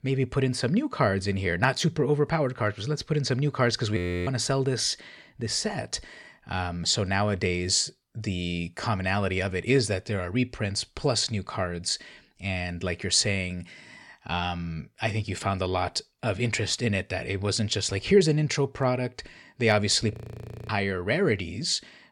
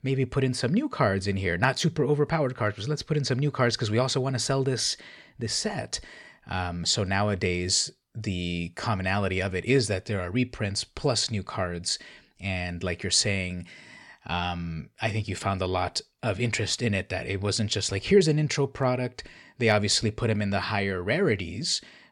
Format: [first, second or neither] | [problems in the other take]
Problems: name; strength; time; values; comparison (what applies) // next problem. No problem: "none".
second | audio freezing; at 4 s and at 20 s for 0.5 s